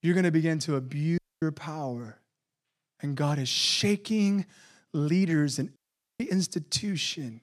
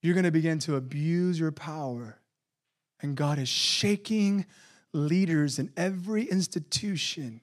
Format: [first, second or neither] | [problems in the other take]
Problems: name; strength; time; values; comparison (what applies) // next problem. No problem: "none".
second | audio cutting out; at 1 s and at 6 s